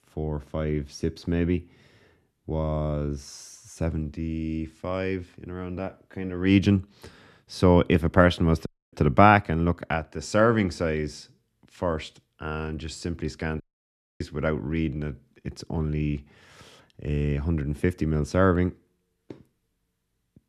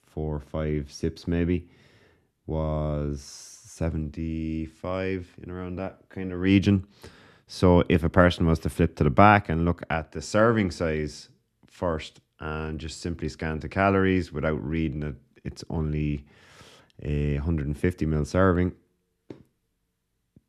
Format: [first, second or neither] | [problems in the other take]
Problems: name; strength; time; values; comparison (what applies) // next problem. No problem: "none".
second | audio cutting out; at 8.5 s and at 14 s for 0.5 s